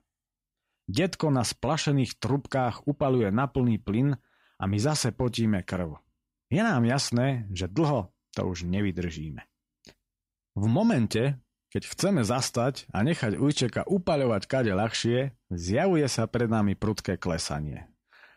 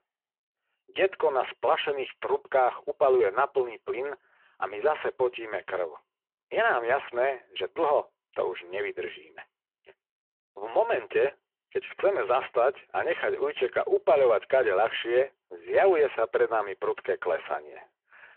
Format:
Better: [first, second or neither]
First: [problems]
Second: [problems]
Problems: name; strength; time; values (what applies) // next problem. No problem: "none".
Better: first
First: none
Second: phone-call audio